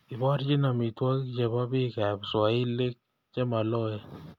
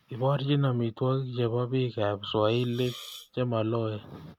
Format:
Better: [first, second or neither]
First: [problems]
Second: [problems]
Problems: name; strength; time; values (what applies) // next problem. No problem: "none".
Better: first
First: none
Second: background sound (Hiss); 18 dB below the speech